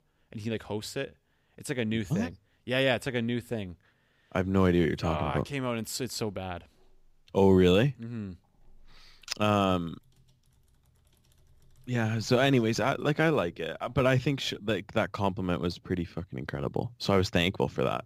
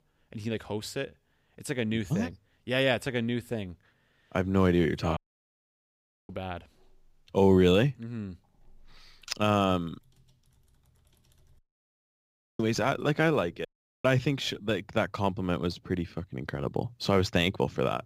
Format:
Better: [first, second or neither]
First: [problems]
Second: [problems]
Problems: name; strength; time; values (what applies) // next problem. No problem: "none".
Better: first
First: none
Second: audio cutting out; at 5 s for 1 s, at 12 s for 1 s and at 14 s